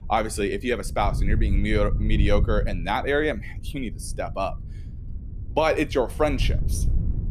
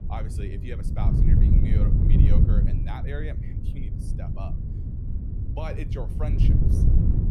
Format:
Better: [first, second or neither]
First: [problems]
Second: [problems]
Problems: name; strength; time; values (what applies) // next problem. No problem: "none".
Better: first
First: wind noise on the microphone; occasional gusts; 20 dB below the speech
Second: wind noise on the microphone; heavy; 2 dB above the speech